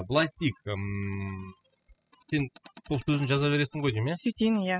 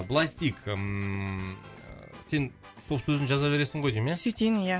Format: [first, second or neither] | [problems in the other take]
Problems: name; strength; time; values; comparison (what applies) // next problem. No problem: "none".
second | noise reduction (classical method spectral subtraction)